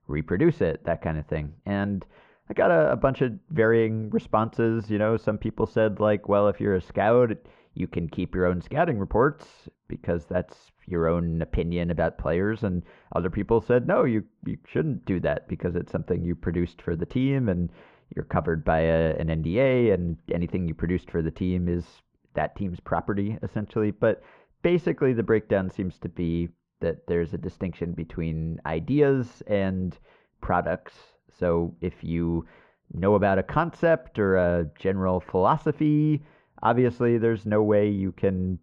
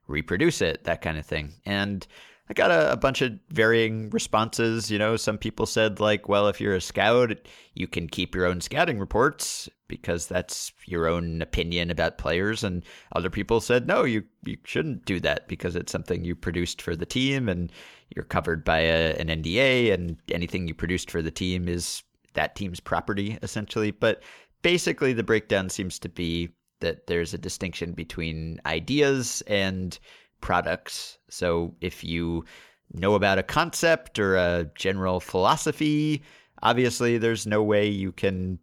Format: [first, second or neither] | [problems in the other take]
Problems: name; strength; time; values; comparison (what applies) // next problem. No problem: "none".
second | muffled; very; fading above 1 kHz